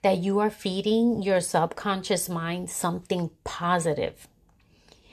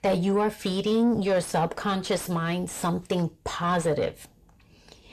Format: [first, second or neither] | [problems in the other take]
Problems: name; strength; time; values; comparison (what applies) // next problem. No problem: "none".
first | distortion; slight; 10 dB below the speech